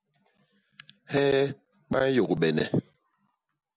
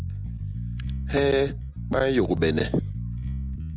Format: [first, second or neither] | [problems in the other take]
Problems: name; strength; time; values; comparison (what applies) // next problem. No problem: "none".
first | background sound (Bass guitar); 4 dB below the speech